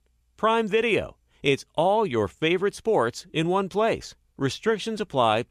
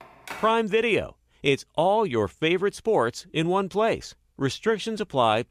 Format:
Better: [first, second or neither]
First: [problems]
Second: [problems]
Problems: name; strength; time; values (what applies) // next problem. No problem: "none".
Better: first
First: none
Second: phone ringing; faint; at the start; peak 15 dB below the speech